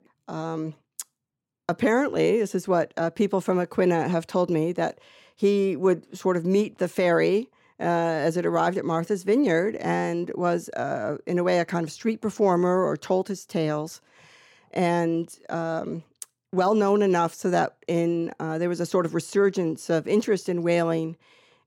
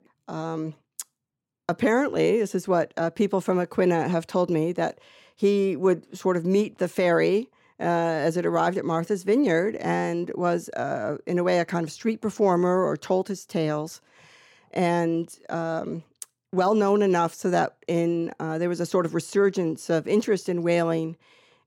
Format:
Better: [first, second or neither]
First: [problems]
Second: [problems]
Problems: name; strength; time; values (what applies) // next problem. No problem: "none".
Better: neither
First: none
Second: none